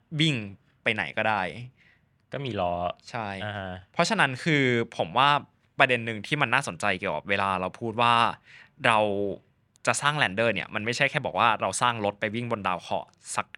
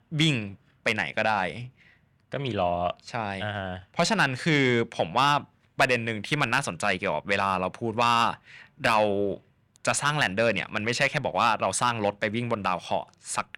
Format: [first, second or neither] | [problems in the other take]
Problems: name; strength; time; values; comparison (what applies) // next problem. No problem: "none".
first | distortion; slight; 10 dB below the speech